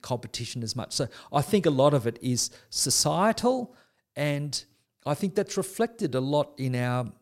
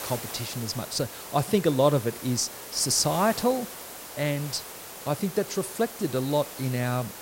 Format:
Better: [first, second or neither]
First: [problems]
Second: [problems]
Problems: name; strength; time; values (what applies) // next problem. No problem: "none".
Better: first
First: none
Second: hiss; noticeable; throughout; 10 dB below the speech